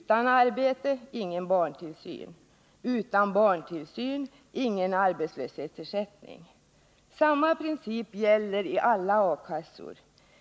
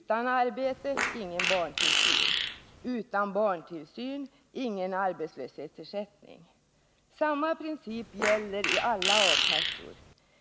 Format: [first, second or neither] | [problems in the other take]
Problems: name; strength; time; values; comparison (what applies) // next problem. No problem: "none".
first | background sound (Fart); 3 dB above the speech